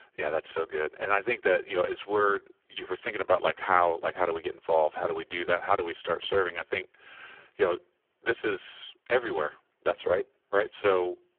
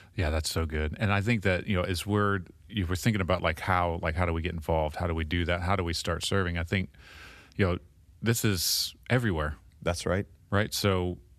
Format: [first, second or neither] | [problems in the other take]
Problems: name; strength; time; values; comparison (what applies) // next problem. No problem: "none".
second | phone-call audio; poor line